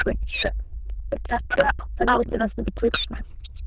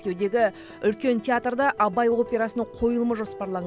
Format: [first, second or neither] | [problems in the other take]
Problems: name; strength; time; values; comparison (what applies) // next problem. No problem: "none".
second | noise reduction (neural diffusion model UNIVERSE++)